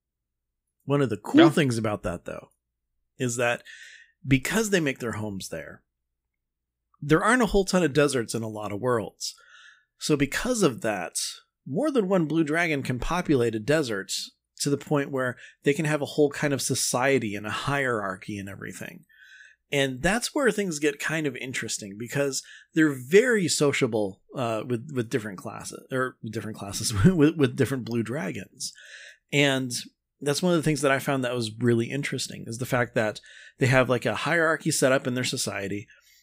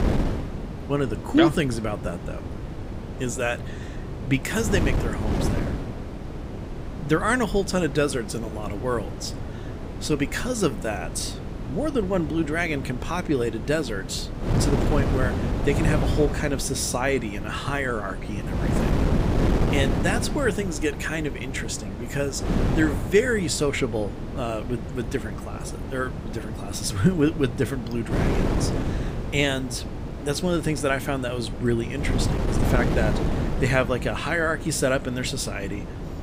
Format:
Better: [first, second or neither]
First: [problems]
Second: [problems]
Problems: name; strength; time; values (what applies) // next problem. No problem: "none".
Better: first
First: none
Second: wind noise on the microphone; heavy; 7 dB below the speech